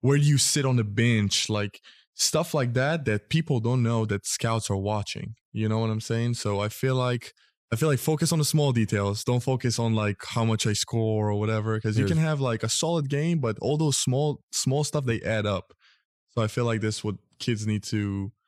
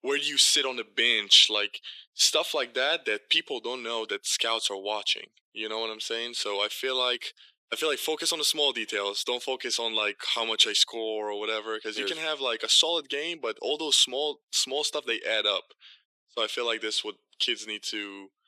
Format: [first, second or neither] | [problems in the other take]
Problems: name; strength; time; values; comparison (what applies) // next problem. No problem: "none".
first | thin; very; fading below 350 Hz